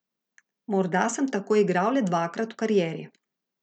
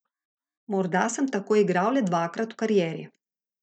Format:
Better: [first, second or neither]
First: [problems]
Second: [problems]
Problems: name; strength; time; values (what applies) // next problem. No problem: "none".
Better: first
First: none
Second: noise reduction (neural mask model DeepFilterNet 3)